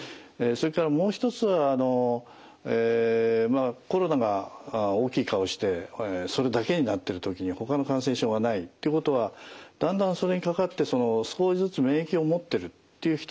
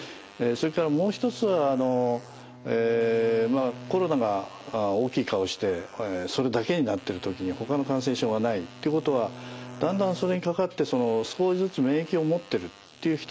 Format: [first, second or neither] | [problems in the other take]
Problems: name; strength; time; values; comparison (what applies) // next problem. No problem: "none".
first | background sound (Fart + Bowed string instrument); 19 dB below the speech